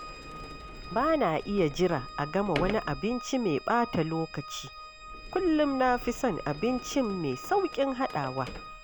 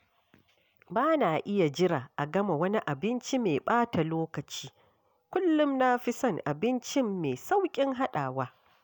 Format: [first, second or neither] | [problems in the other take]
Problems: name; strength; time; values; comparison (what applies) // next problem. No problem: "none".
second | background sound (Organ + Sliding door); 12 dB below the speech